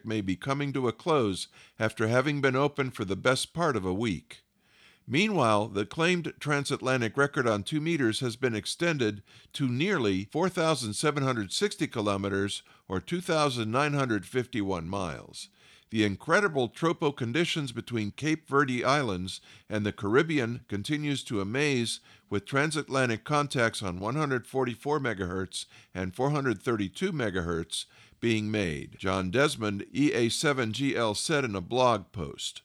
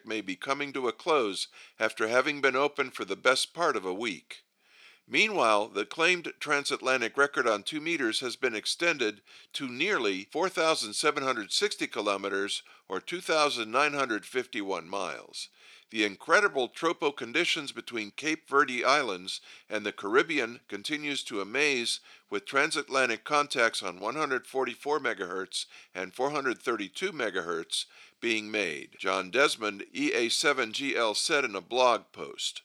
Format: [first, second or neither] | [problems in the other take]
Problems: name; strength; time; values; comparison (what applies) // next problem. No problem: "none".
first | thin; somewhat; fading below 400 Hz